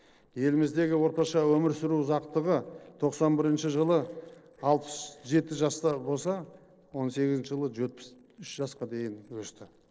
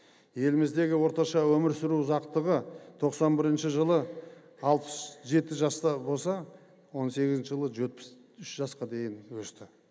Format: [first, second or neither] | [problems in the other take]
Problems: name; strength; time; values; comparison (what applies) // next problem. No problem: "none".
second | noise reduction (neural separator model SepFormer DNS4)